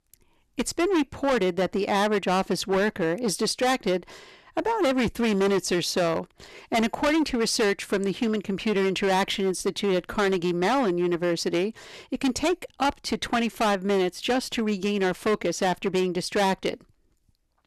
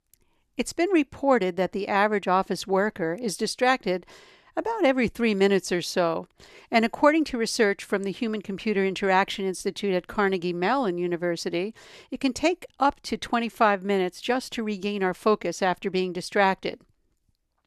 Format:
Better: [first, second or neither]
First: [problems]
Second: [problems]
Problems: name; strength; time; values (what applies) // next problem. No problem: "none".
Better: second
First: distortion; heavy; 14% of the sound clipped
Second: none